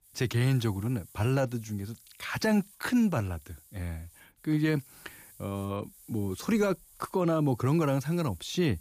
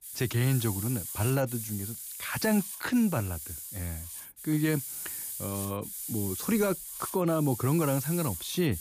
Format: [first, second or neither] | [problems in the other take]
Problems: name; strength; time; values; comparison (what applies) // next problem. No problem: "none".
first | hiss; loud; throughout; 6 dB below the speech; faint in the first